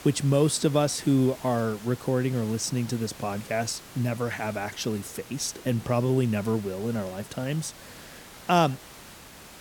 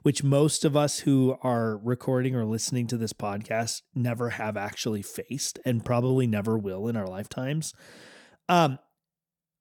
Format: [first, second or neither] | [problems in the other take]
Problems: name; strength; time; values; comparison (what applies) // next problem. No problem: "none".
second | hiss; noticeable; throughout; 15 dB below the speech